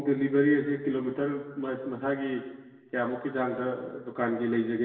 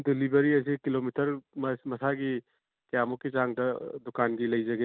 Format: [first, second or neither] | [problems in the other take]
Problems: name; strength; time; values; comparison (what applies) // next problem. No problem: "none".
second | room echo; dies away in 1.4 s